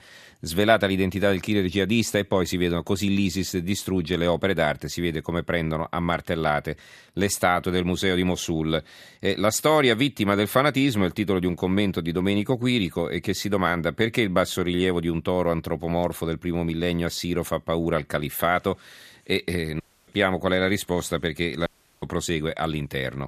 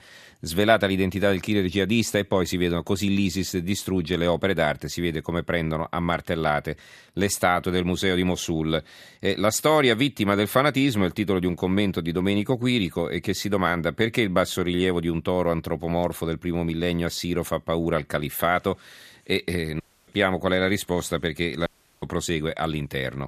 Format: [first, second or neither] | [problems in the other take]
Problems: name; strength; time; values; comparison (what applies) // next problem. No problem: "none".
neither | audio cutting out; at 20 s and at 22 s; the same in both